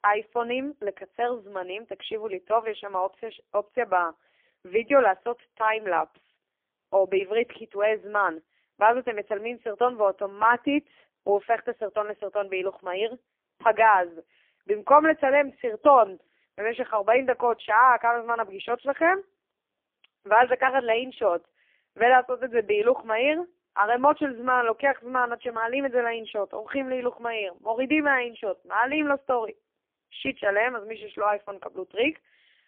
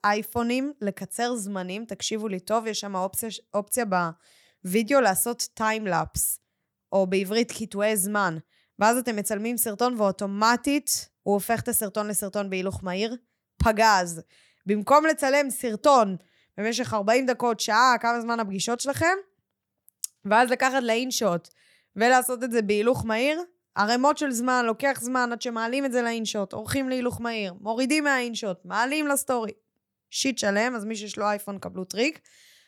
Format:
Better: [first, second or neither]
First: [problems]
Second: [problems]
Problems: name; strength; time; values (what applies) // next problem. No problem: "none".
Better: second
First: phone-call audio; poor line; nothing above 3.5 kHz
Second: none